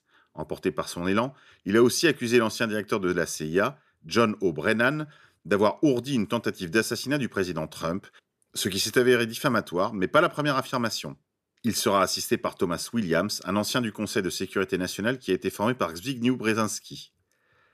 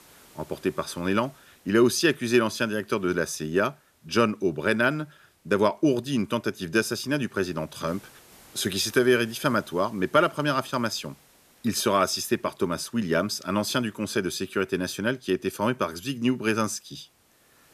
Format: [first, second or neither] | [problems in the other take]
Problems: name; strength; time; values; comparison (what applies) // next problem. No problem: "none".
first | hiss; faint; throughout; 30 dB below the speech